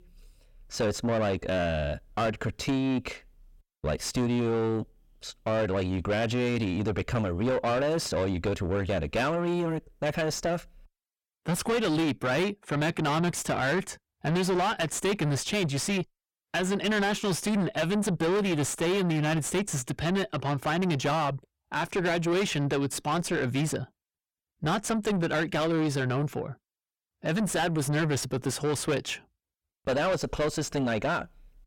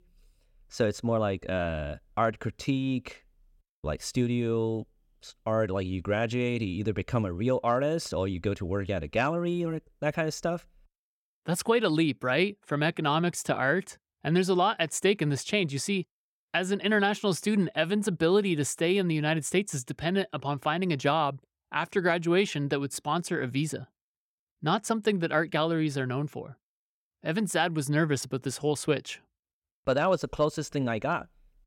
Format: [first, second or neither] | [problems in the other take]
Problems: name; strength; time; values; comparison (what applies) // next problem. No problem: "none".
second | distortion; heavy; 5 dB below the speech